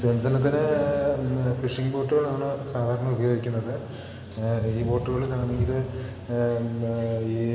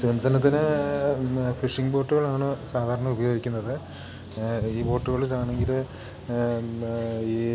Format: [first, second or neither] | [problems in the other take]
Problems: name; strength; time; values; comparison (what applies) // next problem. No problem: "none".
second | room echo; dies away in 2.2 s